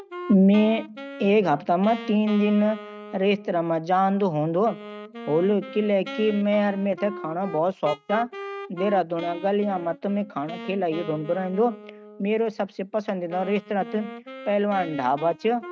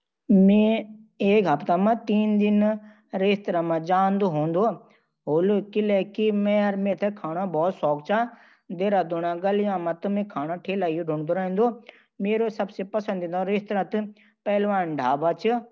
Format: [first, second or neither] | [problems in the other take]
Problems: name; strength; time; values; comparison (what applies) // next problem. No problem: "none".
second | noise reduction (neural mask model RNNoise)